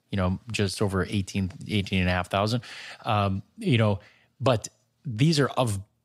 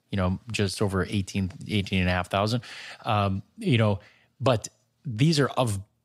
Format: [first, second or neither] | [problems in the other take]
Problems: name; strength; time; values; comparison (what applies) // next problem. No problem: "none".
neither | none